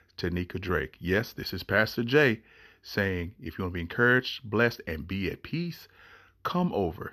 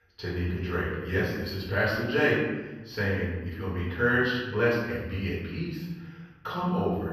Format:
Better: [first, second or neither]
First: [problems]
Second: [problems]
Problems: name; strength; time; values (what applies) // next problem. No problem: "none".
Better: first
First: none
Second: room echo; noticeable; dies away in 1.1 s // off-mic speech; far